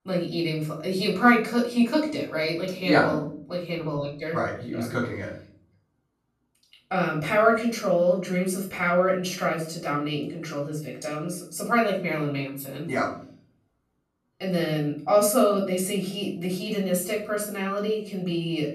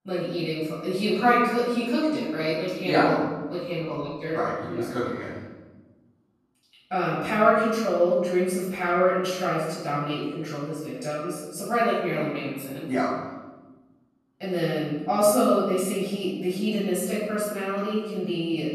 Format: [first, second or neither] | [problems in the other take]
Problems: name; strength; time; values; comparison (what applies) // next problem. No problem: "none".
first | room echo; strong; dies away in 1.1 s; slight in the first // off-mic speech; far; far in the first